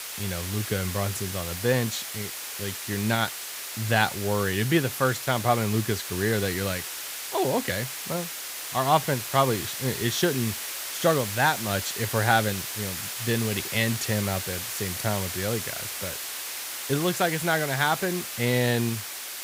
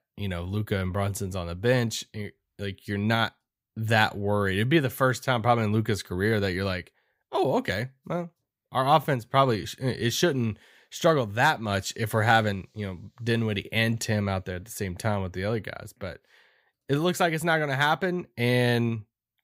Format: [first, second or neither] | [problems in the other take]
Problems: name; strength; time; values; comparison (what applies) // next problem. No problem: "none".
second | hiss; loud; throughout; 5 dB below the speech